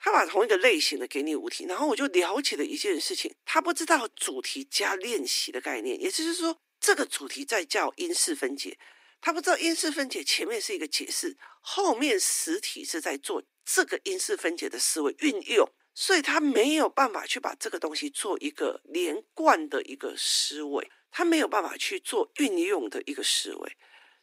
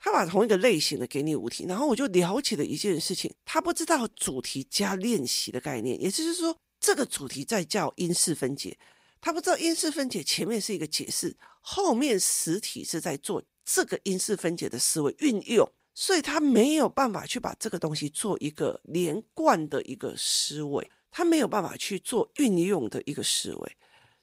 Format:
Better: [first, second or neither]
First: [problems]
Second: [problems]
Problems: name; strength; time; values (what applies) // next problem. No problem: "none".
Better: second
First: thin; very slightly; fading below 250 Hz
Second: none